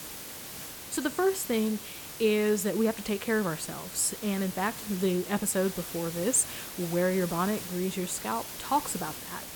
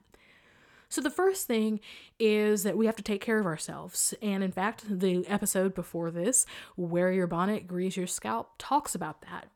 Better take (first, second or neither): second